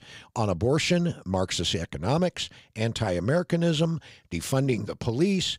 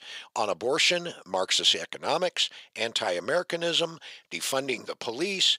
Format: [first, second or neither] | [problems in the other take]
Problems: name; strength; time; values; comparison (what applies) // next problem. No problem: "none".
first | thin; very; fading below 550 Hz